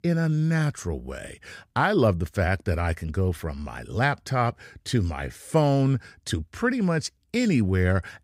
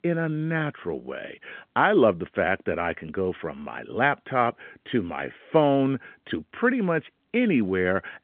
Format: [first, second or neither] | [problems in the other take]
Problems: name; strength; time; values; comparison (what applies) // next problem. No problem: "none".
first | phone-call audio